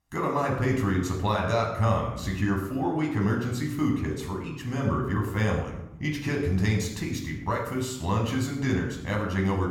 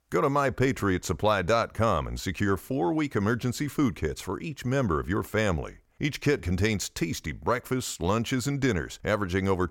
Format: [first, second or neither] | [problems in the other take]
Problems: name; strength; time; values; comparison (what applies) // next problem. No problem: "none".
second | off-mic speech; somewhat distant // room echo; noticeable; dies away in 0.7 s